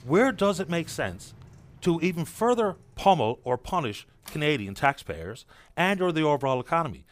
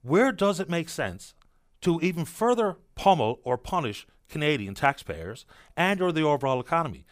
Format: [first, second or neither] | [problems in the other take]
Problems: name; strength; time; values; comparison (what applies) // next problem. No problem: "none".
second | traffic noise; faint; throughout; 25 dB below the speech